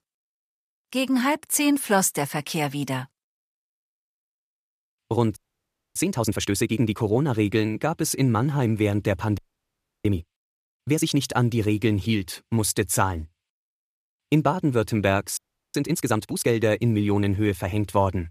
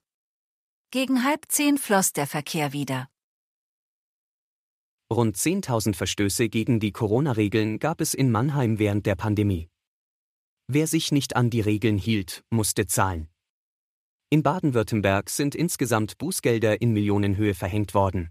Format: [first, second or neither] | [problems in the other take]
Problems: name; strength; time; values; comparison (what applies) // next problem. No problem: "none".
second | audio freezing; at 5.5 s for 0.5 s, at 9.5 s for 0.5 s and at 15 s